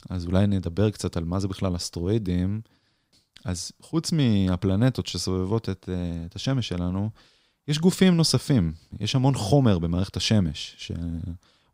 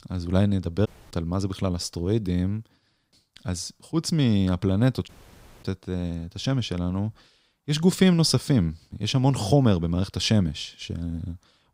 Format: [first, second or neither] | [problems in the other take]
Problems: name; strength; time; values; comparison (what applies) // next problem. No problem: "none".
first | audio cutting out; at 1 s and at 5 s for 0.5 s